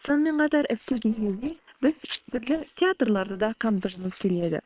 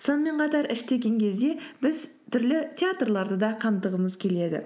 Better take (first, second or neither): second